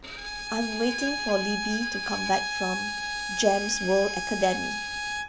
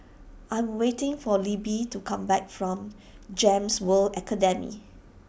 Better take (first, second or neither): second